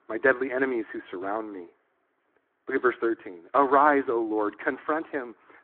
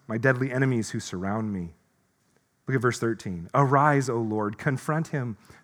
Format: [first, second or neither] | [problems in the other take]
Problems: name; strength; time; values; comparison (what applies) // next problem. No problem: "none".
second | phone-call audio